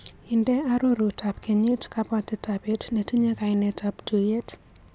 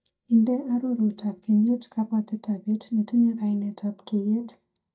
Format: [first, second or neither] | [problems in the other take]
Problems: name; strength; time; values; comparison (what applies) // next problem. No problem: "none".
first | noise reduction (neural mask model DeepFilterNet 3)